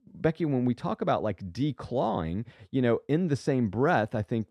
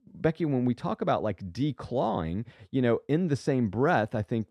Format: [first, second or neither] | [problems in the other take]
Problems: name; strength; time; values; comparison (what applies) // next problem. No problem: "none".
neither | none